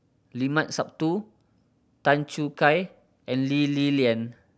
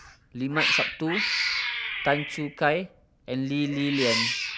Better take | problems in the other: first | background sound (Cat); 1 dB below the speech

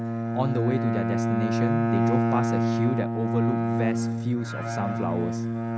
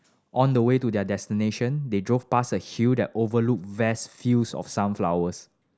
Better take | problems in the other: second | background sound (Bowed string instrument); 5 dB above the speech

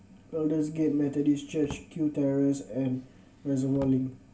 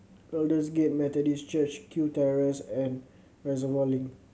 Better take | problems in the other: second | background sound (Drawer open or close); 19 dB below the speech // room echo; dies away in 0.2 s

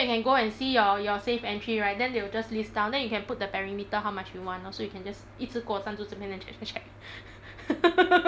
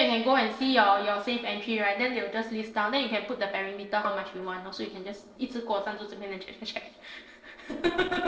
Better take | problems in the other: first | noise reduction (neural separator model SepFormer DNS4)

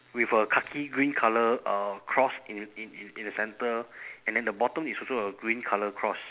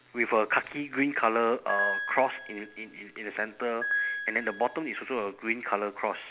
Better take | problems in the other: first | background sound (Piano); 5 dB below the speech

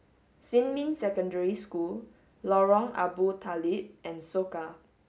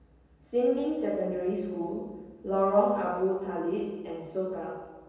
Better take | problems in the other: first | room echo; dies away in 1.2 s

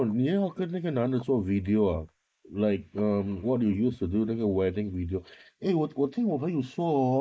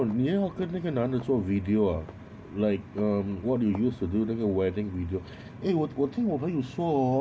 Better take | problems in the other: second | noise reduction (neural mask model Resemble Enhance denoiser)

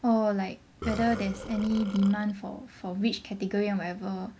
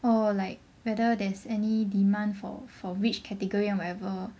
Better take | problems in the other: second | background sound (Burping, eructation); 11 dB below the speech

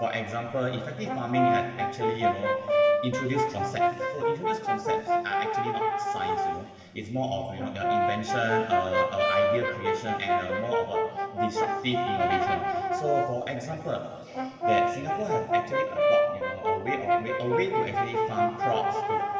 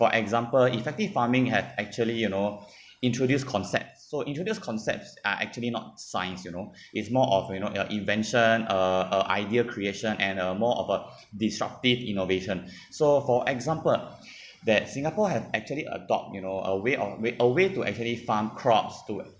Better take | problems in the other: second | background sound (Brass instrument); 5 dB above the speech // room echo; dies away in 2.6 s

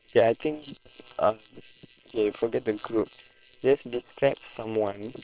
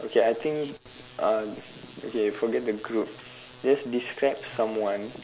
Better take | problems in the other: second | noise reduction (neural separator model SepFormer WHAM!)

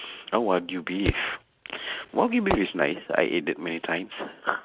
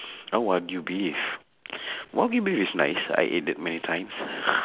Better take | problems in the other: second | noise reduction (neural mask model RNNoise)

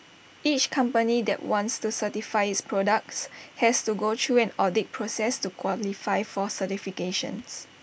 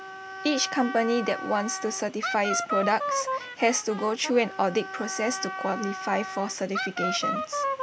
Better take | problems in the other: first | background sound (Wind instrument, woodwind instrument); 5 dB below the speech

